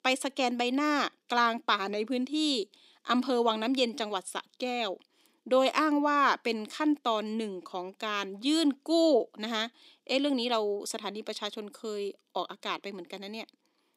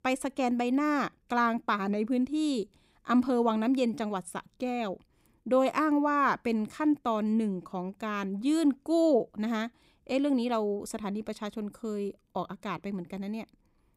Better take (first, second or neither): second